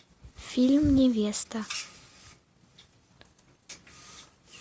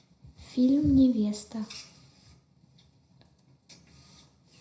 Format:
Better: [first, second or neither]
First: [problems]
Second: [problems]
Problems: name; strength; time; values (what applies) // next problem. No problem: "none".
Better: first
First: none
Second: room echo; dies away in 0.4 s